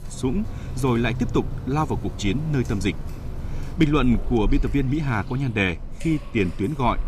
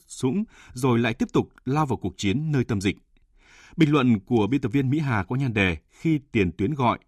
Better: second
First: wind in the background; loud; throughout; 10 dB below the speech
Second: none

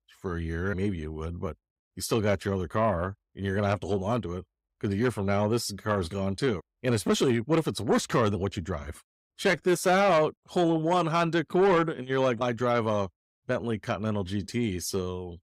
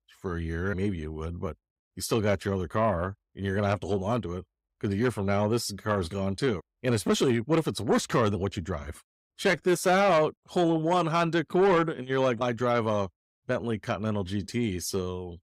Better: neither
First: distortion; slight; 10 dB below the speech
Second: distortion; slight; 10 dB below the speech

